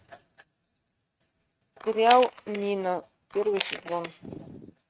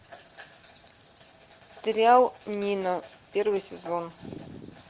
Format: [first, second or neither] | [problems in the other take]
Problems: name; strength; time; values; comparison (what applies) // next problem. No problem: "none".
second | noise reduction (neural mask model RNNoise)